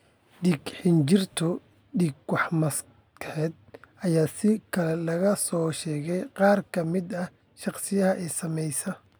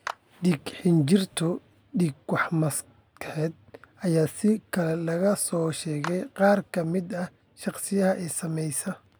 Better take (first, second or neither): first